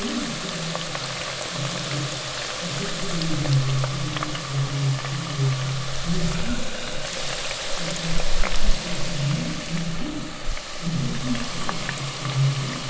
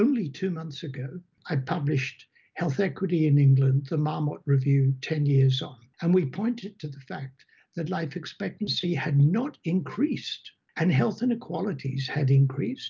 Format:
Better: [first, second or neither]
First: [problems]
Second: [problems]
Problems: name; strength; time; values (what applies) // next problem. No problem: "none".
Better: second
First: background sound (Water tap, faucet); 4 dB above the speech // room echo; dies away in 1.2 s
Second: none